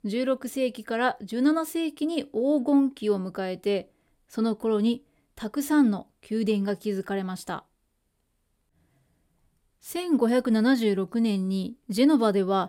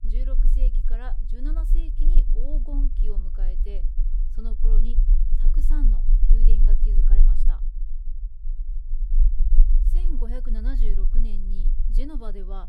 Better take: first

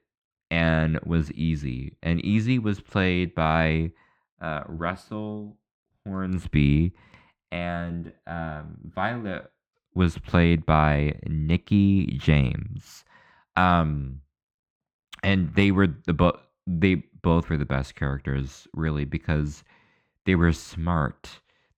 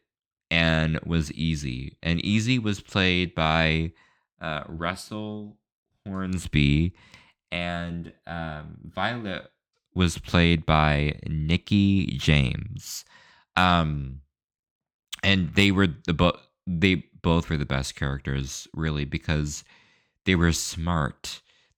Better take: second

